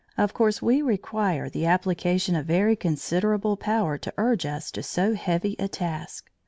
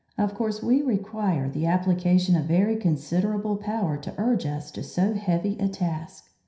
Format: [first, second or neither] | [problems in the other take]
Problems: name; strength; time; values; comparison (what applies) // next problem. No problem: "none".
first | room echo; dies away in 0.5 s